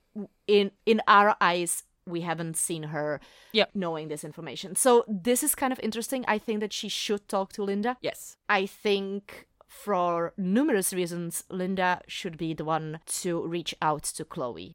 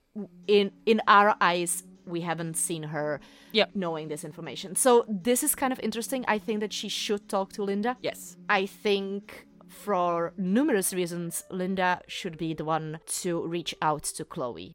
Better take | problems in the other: first | background music; faint; throughout; 25 dB below the speech

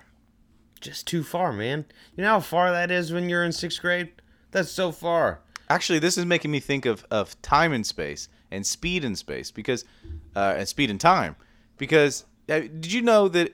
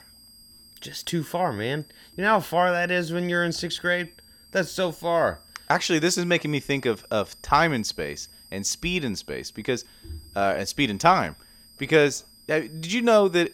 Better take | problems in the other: first | high-pitched whine; faint; throughout; 5 kHz, 25 dB below the speech

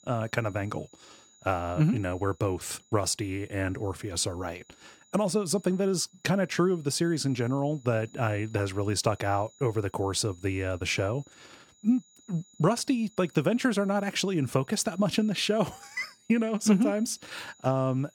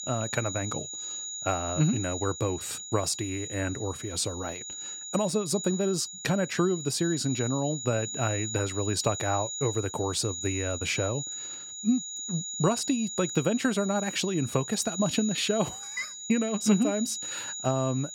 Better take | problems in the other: first | high-pitched whine; loud; throughout; 7 kHz, 6 dB below the speech; faint in the first

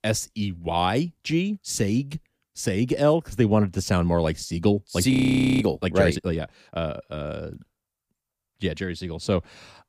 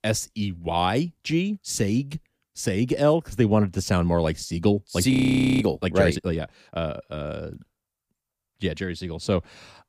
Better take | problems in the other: neither | audio freezing; at 5 s; the same in both

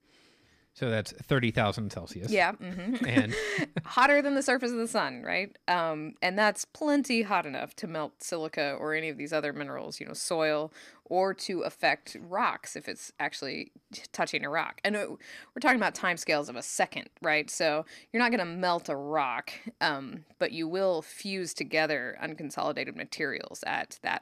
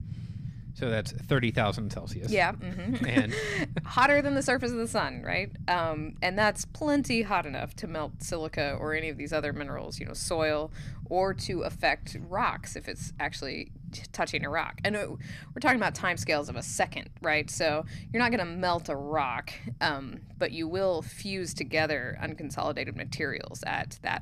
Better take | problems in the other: first | low rumble; faint; throughout; 25 dB below the speech

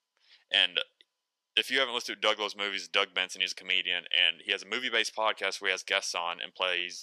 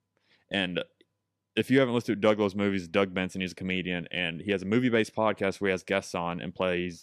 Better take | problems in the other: second | thin; very; fading below 800 Hz

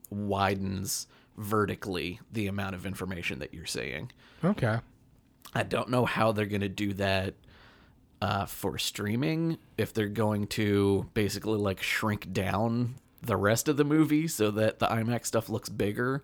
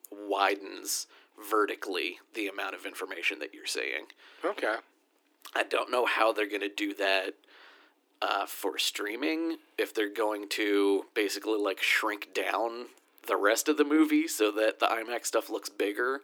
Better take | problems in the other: first | thin; somewhat; fading below 300 Hz

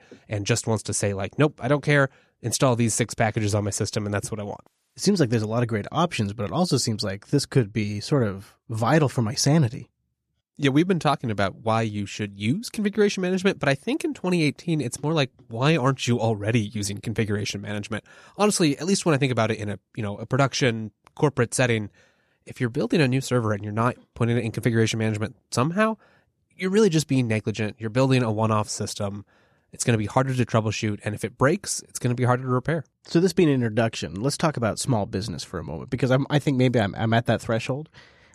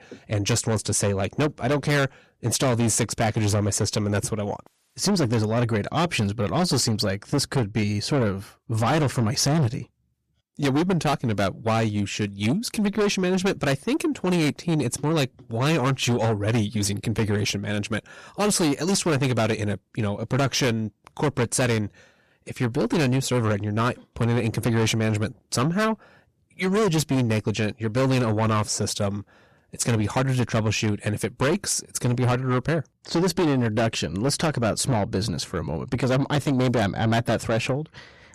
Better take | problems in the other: first | distortion; heavy; 7 dB below the speech

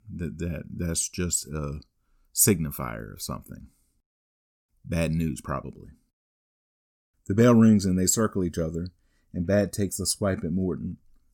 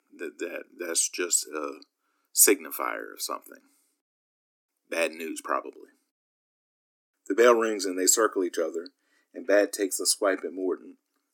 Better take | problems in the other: first | thin; very; fading below 300 Hz

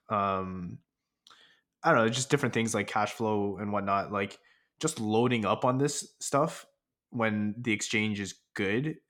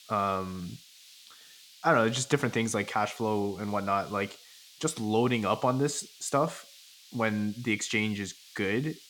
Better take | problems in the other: first | hiss; faint; throughout; 20 dB below the speech

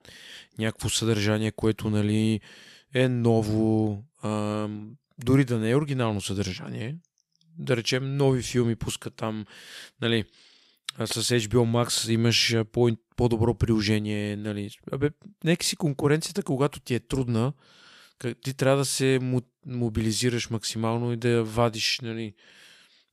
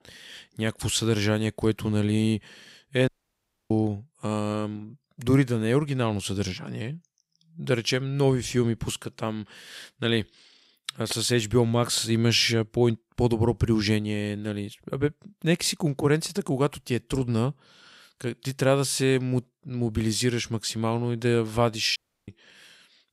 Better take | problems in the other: first | audio cutting out; at 3 s for 0.5 s and at 22 s

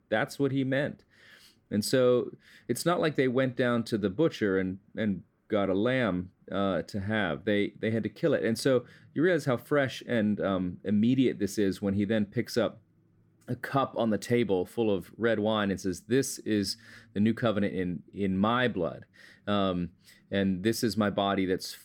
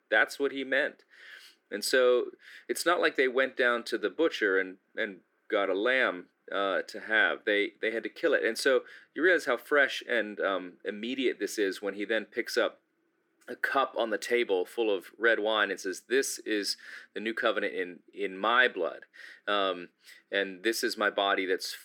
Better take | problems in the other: first | thin; very; fading below 350 Hz

